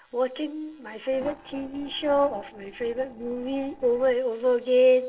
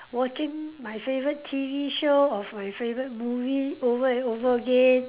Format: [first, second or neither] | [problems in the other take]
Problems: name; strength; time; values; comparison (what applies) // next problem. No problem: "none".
second | noise reduction (neural separator model SepFormer DNS4)